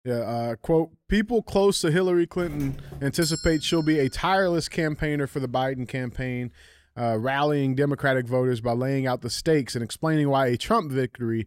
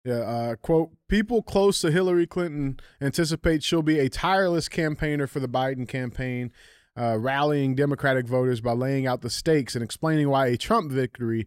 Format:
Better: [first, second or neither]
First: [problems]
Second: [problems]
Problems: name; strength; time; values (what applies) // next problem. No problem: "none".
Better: second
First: doorbell; noticeable; from 2.5 to 4.5 s; peak 6 dB below the speech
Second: none